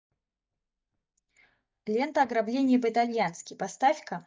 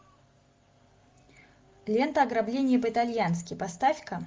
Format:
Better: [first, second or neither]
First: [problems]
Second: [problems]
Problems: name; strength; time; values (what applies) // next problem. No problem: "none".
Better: second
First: noise reduction (neural mask model DeepFilterNet 3)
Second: none